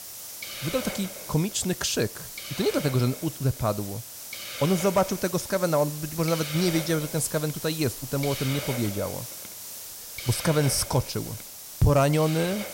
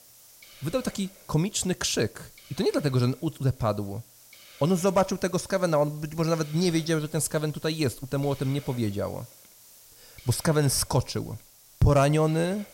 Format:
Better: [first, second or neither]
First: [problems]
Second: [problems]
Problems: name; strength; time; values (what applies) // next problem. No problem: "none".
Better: second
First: hiss; loud; throughout; 9 dB below the speech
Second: hiss; faint; throughout; 20 dB below the speech